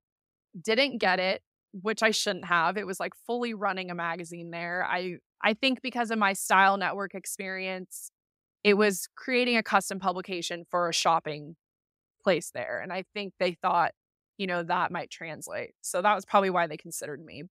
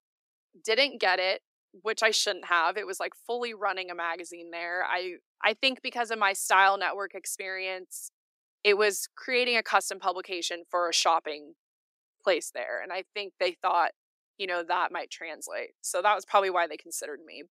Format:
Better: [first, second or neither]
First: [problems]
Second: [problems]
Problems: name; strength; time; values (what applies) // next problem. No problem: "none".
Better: first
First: none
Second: thin; somewhat; fading below 300 Hz